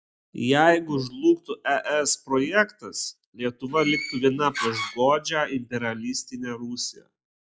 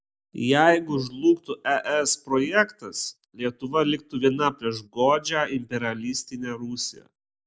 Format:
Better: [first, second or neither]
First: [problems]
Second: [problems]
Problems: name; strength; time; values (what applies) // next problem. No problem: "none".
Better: second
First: noise reduction (classical method log-MMSE)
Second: none